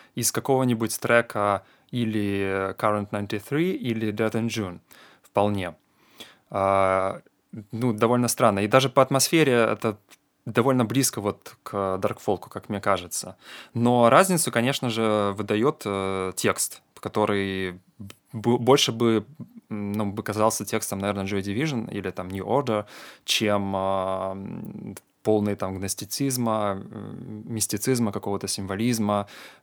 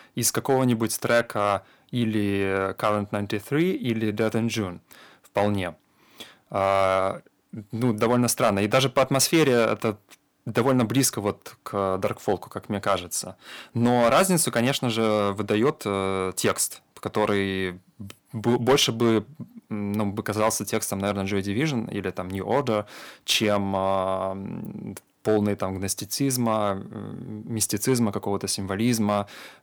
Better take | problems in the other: first | distortion; slight; 2% of the sound clipped

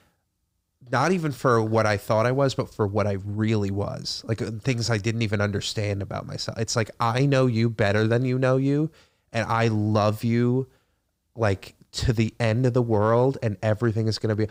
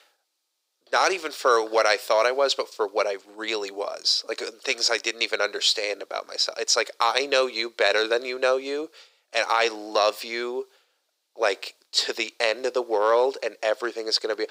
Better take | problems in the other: first | thin; very; fading below 400 Hz

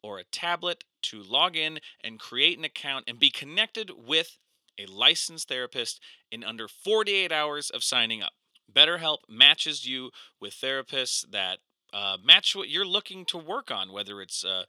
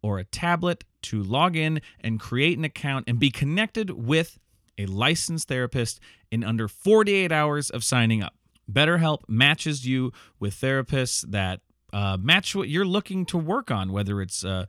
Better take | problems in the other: second | thin; very; fading below 450 Hz

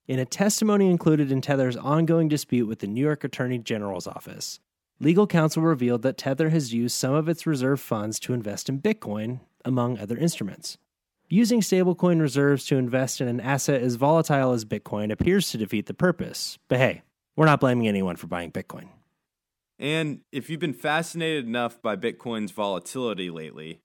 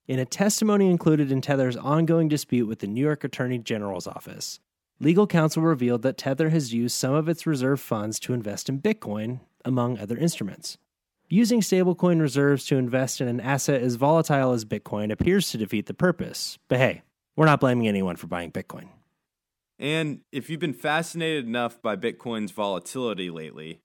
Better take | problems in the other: neither | none

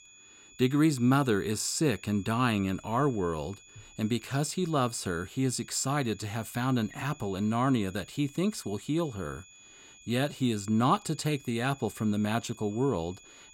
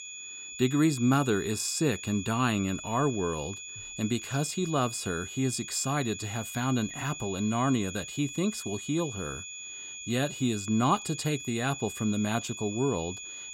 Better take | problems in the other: first | high-pitched whine; loud; throughout; 7 kHz, 9 dB below the speech; faint in the first

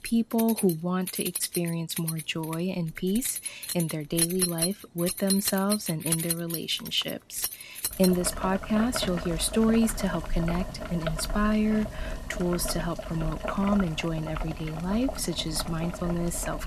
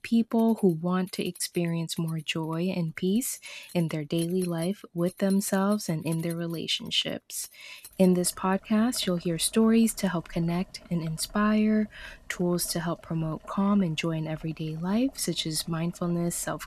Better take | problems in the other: second | household noises; loud; throughout; 5 dB below the speech; faint in the second

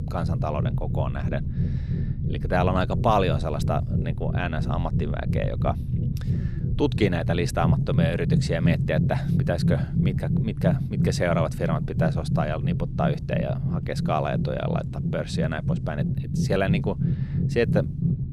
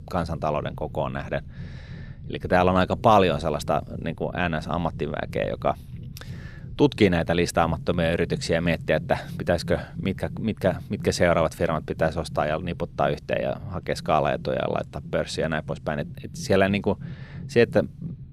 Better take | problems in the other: second | low rumble; loud; throughout; 8 dB below the speech; faint in the second

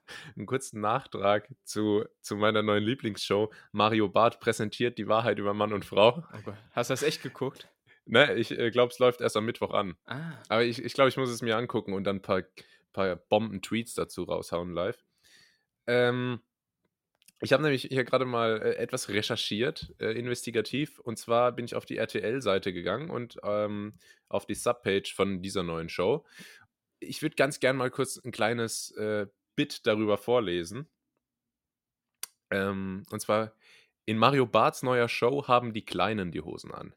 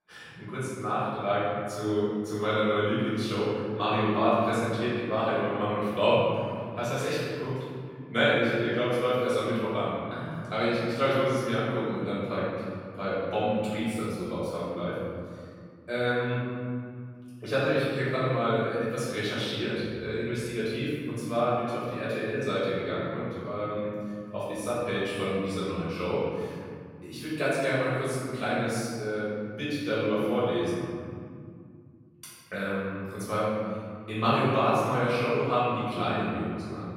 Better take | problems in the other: first | off-mic speech; far // room echo; strong; dies away in 2.5 s

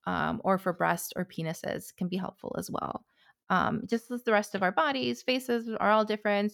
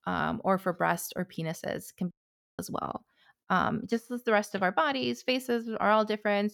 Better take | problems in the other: first | audio cutting out; at 2 s

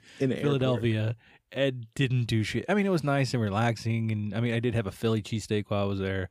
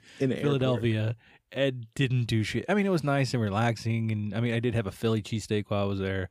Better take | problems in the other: neither | none

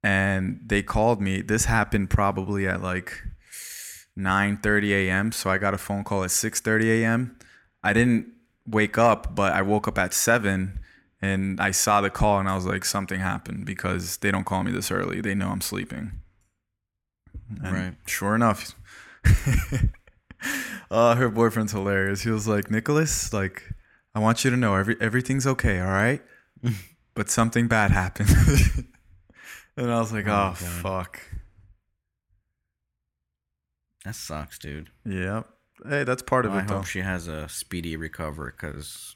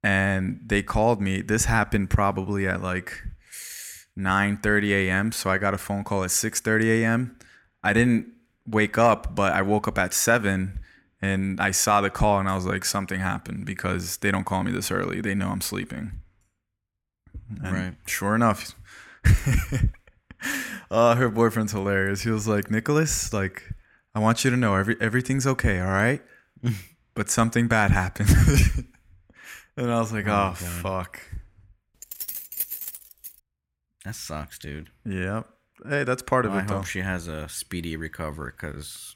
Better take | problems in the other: first | jangling keys; noticeable; from 32 to 33 s; peak 5 dB below the speech

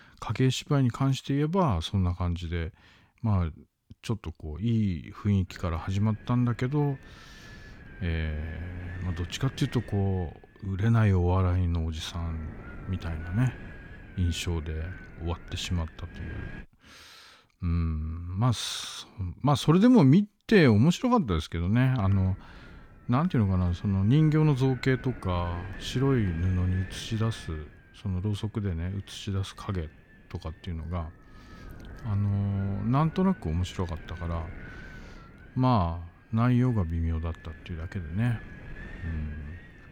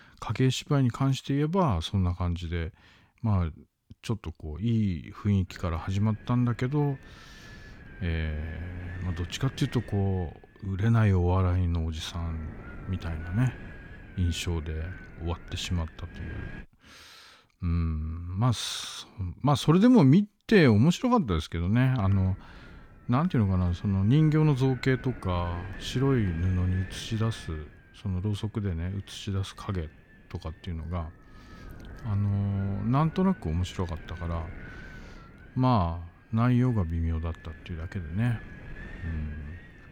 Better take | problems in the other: neither | wind noise on the microphone; occasional gusts; from 5.5 to 17 s and from 22 s on; 15 dB below the speech; the same in both

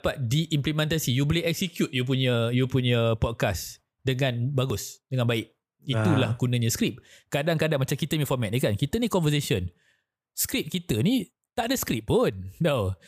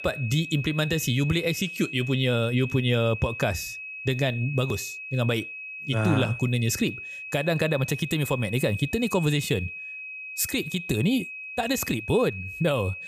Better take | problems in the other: first | high-pitched whine; loud; throughout; 2.5 kHz, 9 dB below the speech

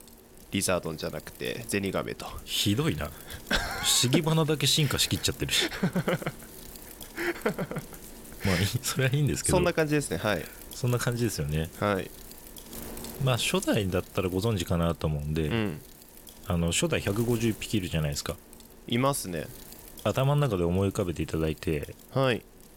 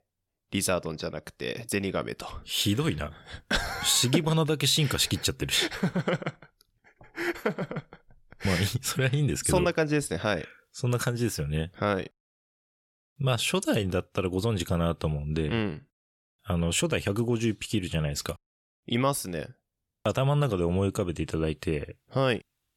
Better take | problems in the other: second | wind noise on the microphone; occasional gusts; 20 dB below the speech

